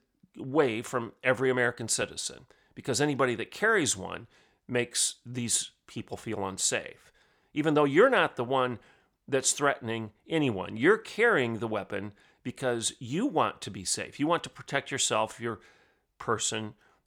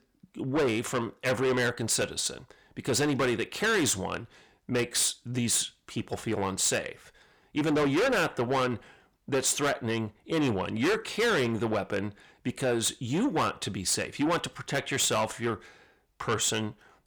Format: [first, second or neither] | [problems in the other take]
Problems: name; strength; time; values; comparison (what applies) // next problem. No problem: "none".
first | distortion; heavy; 6 dB below the speech